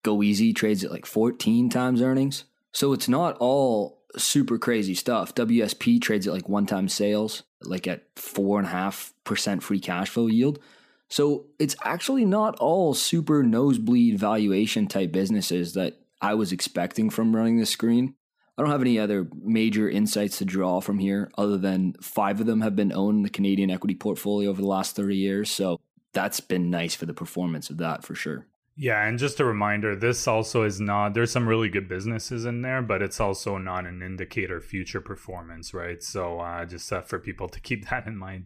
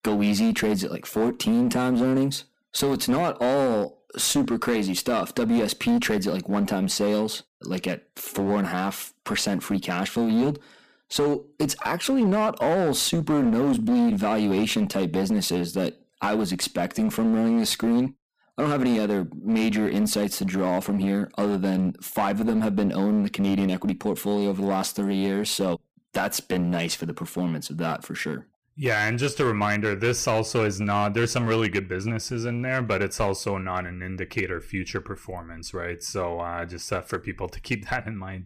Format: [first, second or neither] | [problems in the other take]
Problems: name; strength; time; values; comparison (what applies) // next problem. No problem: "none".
first | distortion; slight; 11% of the sound clipped